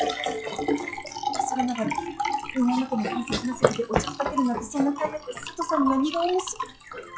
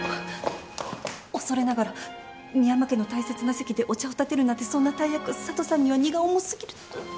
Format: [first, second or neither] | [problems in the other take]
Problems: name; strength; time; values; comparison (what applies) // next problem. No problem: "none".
second | noise reduction (classical method log-MMSE)